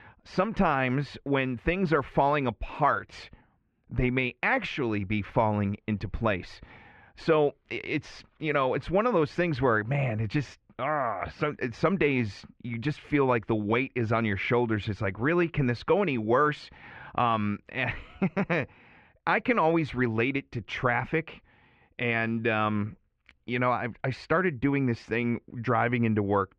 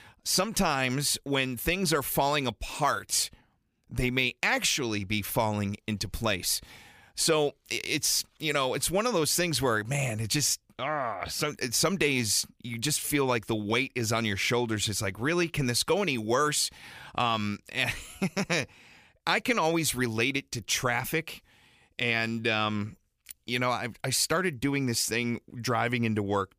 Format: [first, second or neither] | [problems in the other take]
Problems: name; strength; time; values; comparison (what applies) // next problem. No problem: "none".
second | muffled; very; fading above 2 kHz